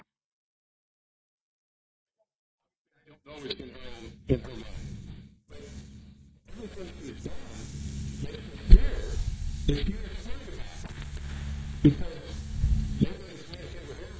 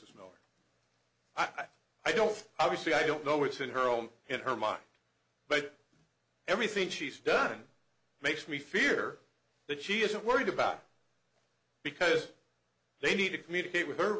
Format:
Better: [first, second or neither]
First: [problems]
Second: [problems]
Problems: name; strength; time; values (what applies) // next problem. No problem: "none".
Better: second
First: noise reduction (neural mask model DeepFilterNet 3)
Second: none